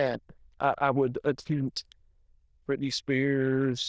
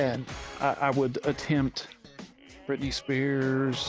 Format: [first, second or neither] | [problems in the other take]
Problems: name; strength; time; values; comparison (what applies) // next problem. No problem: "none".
second | noise reduction (neural diffusion model UNIVERSE++)